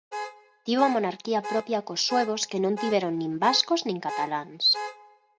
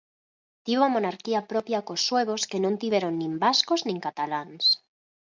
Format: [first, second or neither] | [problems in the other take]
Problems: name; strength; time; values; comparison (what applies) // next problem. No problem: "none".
second | background sound (Alarm / Car); 11 dB below the speech